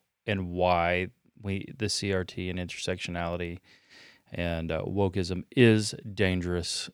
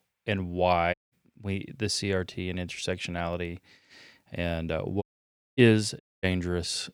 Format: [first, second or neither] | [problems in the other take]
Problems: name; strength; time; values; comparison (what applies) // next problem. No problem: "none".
first | audio cutting out; at 1 s, at 5 s for 0.5 s and at 6 s